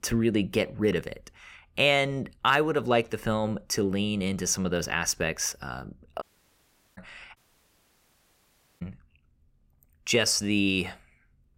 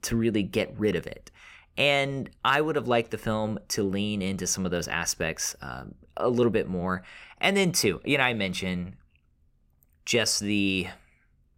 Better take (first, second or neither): second